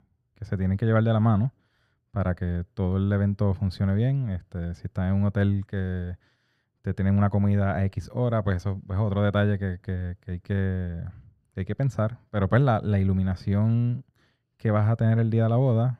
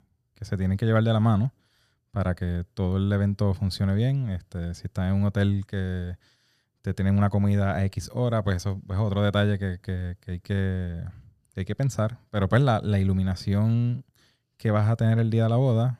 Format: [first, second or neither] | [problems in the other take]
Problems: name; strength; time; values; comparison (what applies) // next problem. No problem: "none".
second | muffled; slightly; fading above 3.5 kHz